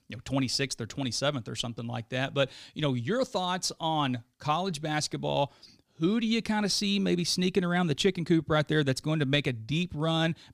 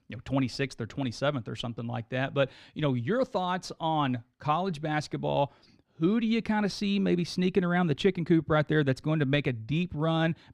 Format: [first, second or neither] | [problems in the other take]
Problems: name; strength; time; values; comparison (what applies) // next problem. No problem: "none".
first | muffled; slightly; fading above 3.5 kHz